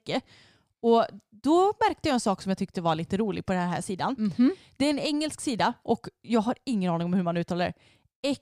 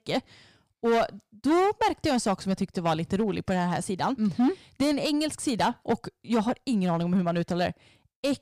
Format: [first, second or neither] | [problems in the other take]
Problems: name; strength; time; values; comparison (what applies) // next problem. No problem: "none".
first | distortion; slight; 6% of the sound clipped